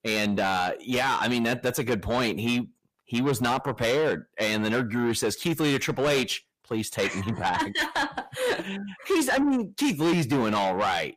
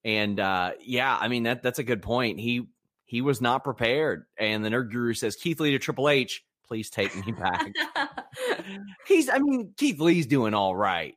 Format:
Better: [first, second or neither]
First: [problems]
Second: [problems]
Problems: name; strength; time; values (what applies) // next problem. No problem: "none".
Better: second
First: distortion; heavy; 7 dB below the speech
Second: none